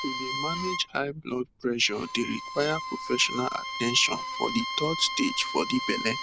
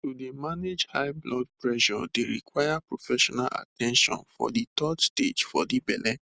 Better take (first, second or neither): second